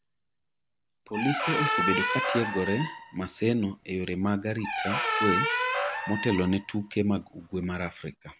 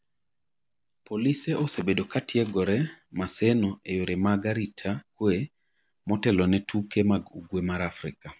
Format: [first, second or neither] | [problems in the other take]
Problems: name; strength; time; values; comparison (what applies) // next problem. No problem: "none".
second | background sound (Squeak); 1 dB below the speech